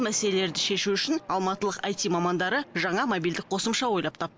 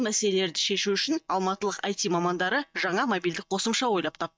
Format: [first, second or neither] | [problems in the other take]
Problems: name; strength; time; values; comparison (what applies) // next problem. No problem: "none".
first | noise reduction (neural mask model DeepFilterNet 3)